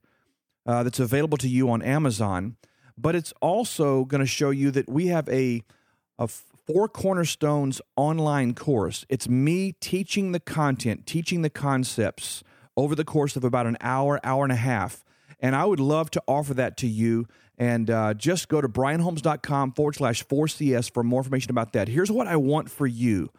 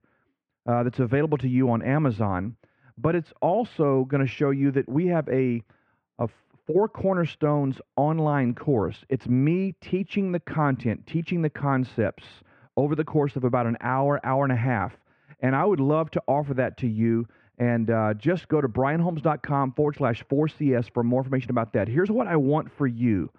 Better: first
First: none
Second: muffled; very; fading above 2 kHz

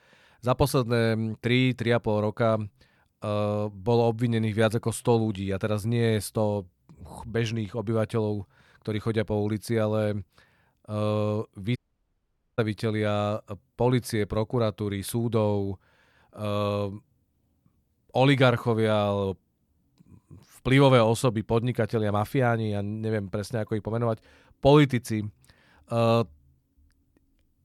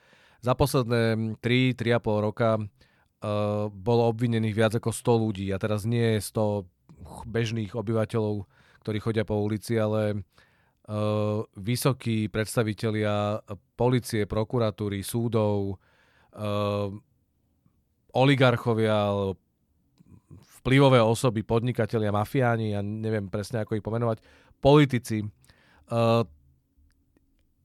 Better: second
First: audio cutting out; at 12 s for 1 s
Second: none

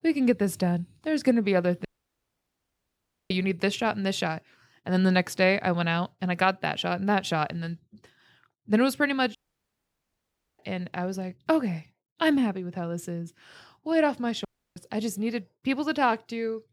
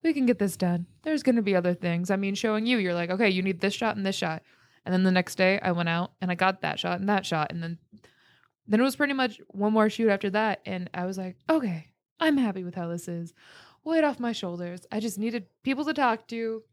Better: second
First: audio cutting out; at 2 s for 1.5 s, at 9.5 s for 1 s and at 14 s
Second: none

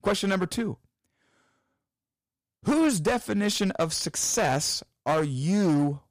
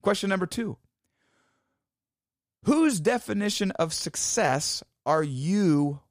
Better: second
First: distortion; slight; 9% of the sound clipped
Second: none

